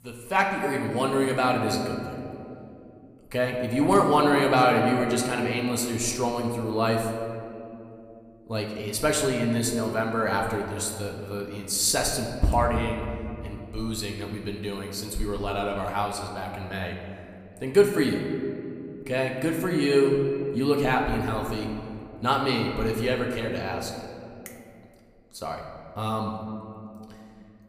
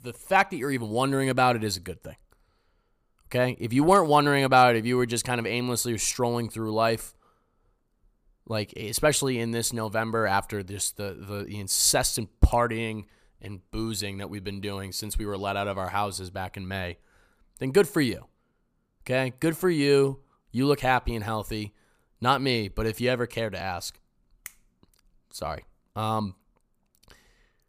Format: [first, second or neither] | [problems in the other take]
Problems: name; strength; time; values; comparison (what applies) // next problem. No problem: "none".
second | room echo; slight; dies away in 2.2 s // off-mic speech; somewhat distant